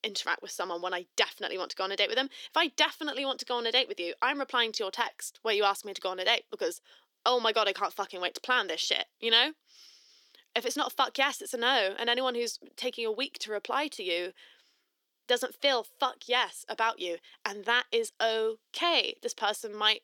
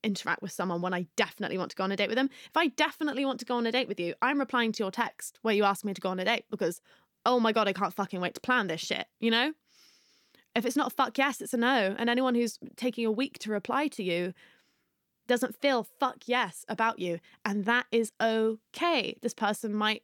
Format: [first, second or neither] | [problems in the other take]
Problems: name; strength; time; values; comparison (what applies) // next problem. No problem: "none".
second | thin; somewhat; fading below 350 Hz